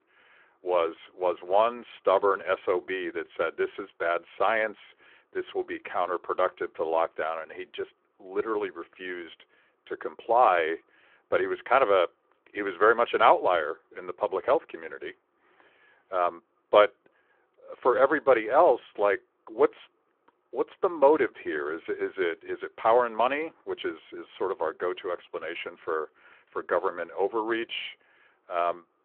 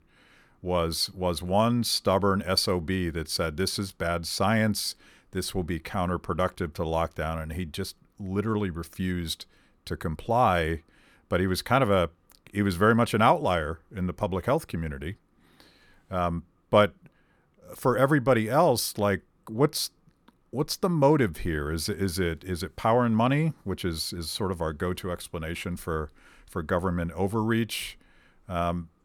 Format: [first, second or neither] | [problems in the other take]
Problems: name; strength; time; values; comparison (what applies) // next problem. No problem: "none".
second | phone-call audio